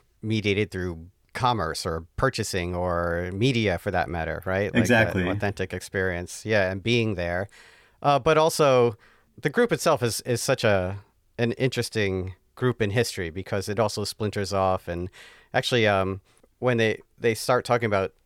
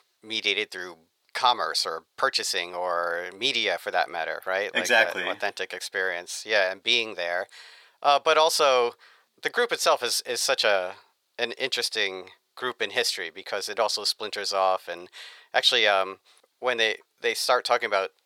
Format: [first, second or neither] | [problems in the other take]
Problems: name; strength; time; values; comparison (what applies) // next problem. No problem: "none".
first | thin; very; fading below 700 Hz